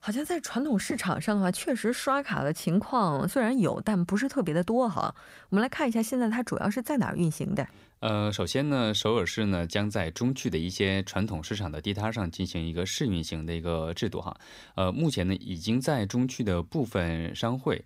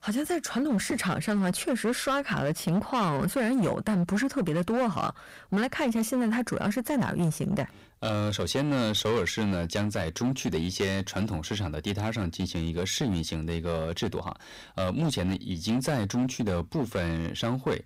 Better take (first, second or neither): first